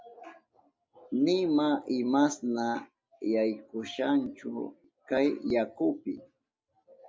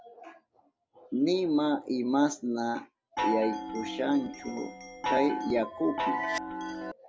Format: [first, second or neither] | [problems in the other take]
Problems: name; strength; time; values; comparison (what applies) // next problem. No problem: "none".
first | background sound (Chime); 3 dB below the speech